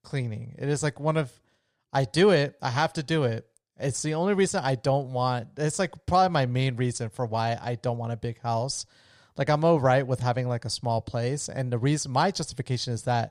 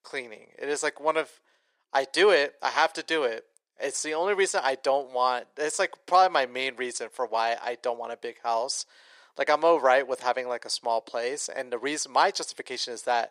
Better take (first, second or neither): first